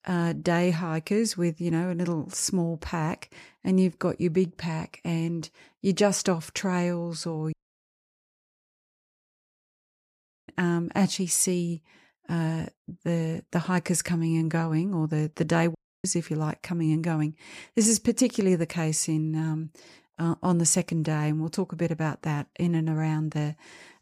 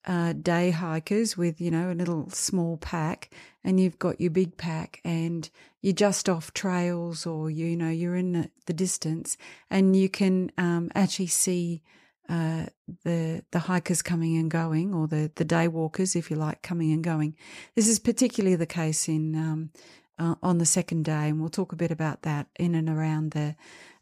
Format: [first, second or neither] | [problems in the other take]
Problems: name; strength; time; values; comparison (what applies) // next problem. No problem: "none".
second | audio cutting out; at 7.5 s for 3 s and at 16 s